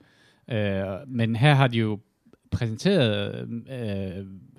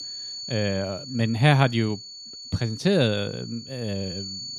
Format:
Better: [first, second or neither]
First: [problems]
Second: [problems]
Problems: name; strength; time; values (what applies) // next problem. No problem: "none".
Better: first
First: none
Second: high-pitched whine; noticeable; throughout; 4.5 kHz, 10 dB below the speech